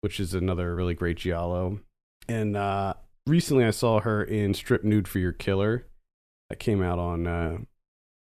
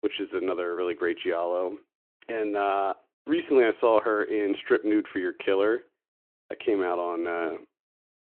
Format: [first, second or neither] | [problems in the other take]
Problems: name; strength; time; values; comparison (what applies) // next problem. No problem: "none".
first | phone-call audio